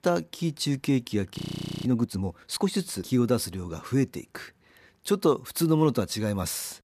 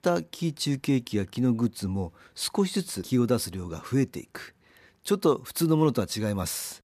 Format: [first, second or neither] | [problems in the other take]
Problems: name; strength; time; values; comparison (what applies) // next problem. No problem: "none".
second | audio freezing; at 1.5 s